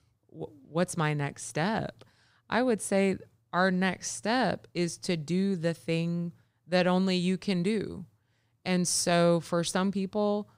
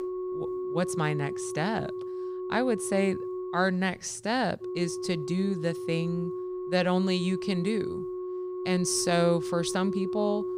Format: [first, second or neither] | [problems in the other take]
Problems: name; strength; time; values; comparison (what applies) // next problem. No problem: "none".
first | background music; loud; throughout; 6 dB below the speech